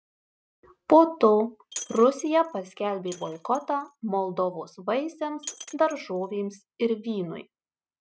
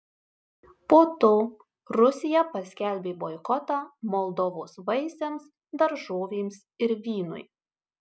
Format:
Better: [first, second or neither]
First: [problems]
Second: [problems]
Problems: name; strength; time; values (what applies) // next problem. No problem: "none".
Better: second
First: noise reduction (neural mask model RNNoise)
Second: none